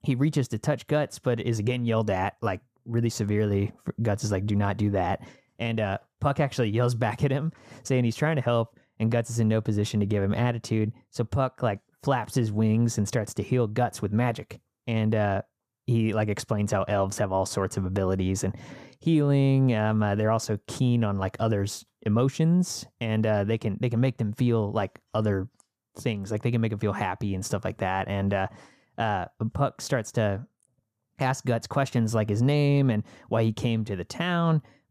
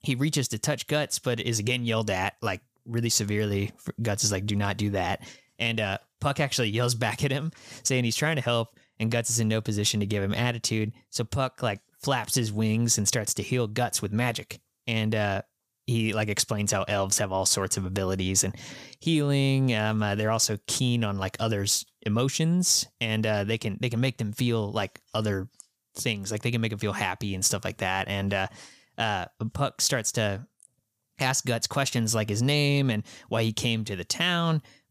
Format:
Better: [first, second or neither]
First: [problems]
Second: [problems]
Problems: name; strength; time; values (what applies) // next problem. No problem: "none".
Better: second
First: muffled; slightly; fading above 2 kHz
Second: none